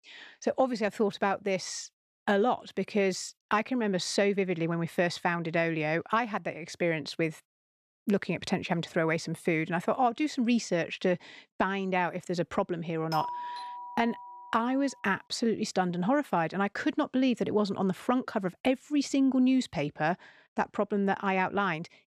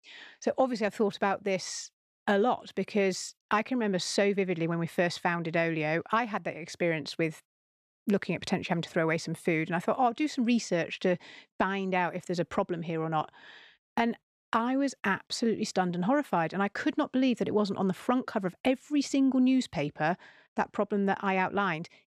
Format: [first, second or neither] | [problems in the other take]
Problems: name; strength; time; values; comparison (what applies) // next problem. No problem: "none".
second | doorbell; noticeable; from 13 to 15 s; peak 6 dB below the speech